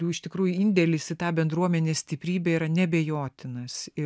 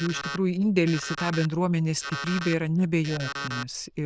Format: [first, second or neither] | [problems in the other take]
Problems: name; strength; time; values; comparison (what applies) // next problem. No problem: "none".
first | noise reduction (neural diffusion model UNIVERSE++)